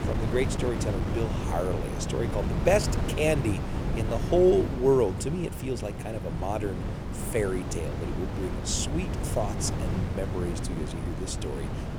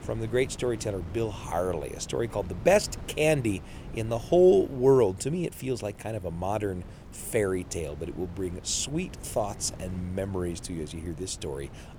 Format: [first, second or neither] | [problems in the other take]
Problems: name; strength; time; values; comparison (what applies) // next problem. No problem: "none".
second | wind noise on the microphone; heavy; 7 dB below the speech; occasional gusts in the second